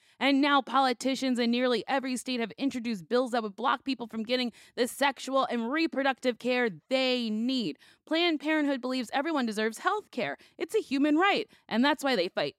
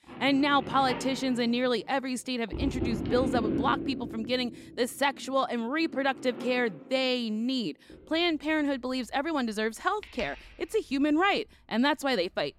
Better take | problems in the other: first | household noises; loud; throughout; 8 dB below the speech

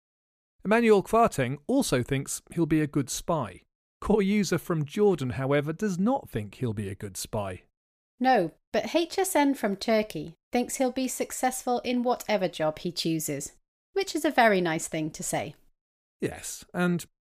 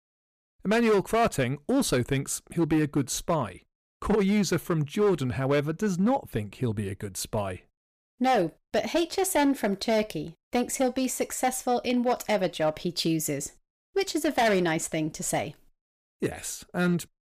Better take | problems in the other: first | distortion; slight; 5% of the sound clipped

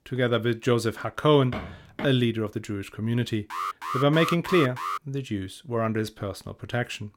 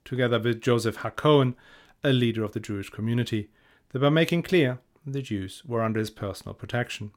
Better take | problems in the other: second | footsteps; faint; at 1.5 s; peak 10 dB below the speech // alarm; noticeable; from 3.5 to 5 s; peak 4 dB below the speech

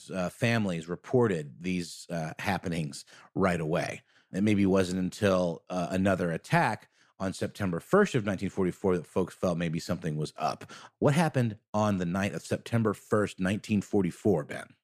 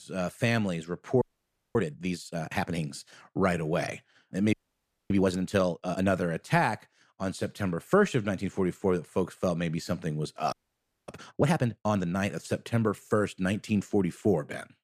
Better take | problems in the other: first | audio freezing; at 1 s for 0.5 s, at 4.5 s for 0.5 s and at 11 s for 0.5 s

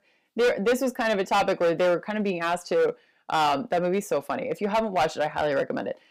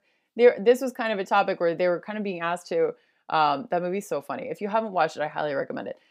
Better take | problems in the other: second | distortion; heavy; 10% of the sound clipped

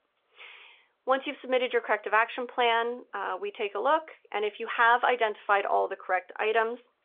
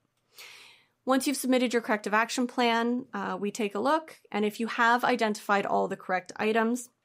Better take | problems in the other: second | phone-call audio; nothing above 3.5 kHz

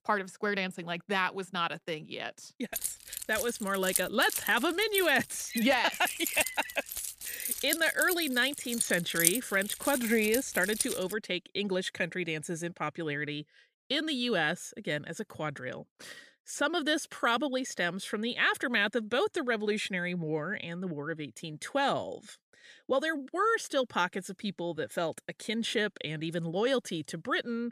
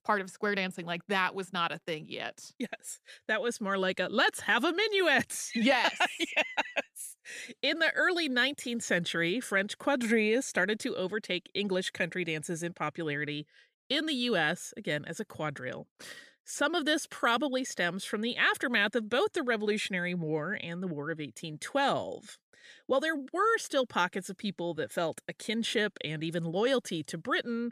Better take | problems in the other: second | jangling keys; loud; from 3 to 11 s; peak 4 dB above the speech

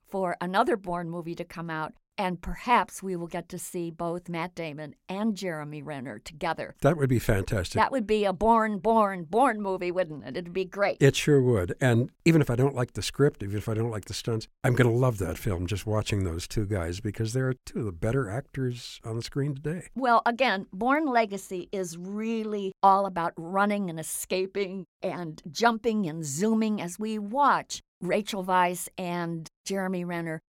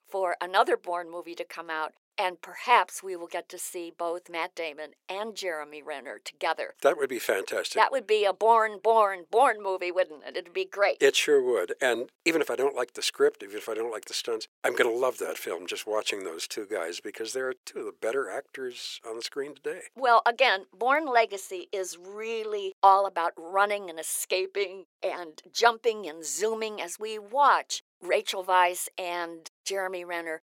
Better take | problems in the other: first | thin; very; fading below 400 Hz

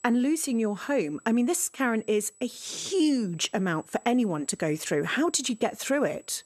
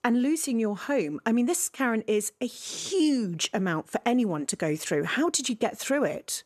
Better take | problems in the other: second | high-pitched whine; faint; throughout; 8 kHz, 30 dB below the speech

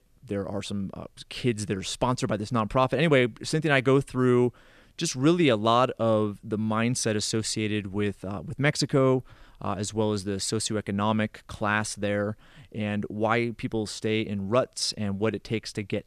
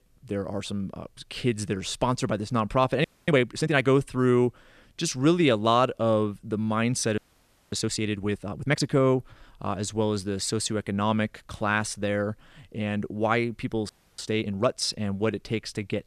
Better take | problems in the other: first | audio freezing; at 3 s, at 7 s for 0.5 s and at 14 s

